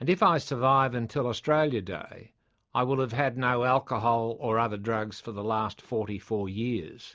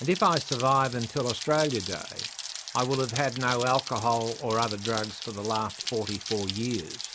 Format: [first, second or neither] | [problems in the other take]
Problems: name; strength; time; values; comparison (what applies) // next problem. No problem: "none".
first | background sound (Rain); 9 dB below the speech